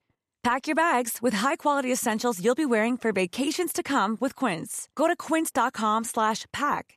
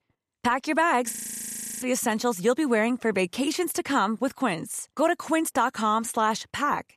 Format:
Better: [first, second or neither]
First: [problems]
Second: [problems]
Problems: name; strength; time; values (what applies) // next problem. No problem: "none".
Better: first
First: none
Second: audio freezing; at 1 s for 0.5 s